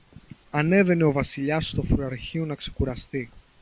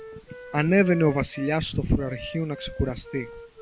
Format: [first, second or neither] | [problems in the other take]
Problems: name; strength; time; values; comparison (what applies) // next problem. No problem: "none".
first | background sound (Wind instrument, woodwind instrument); 16 dB below the speech